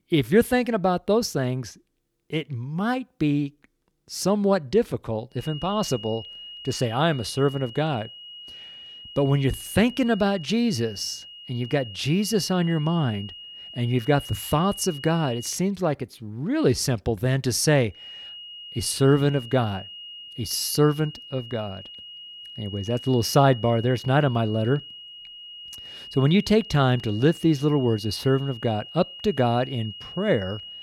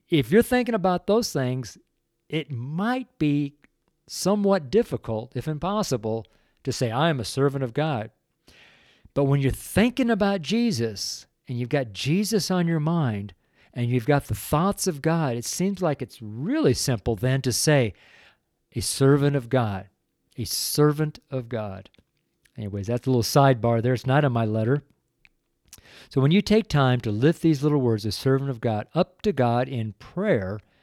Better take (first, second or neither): second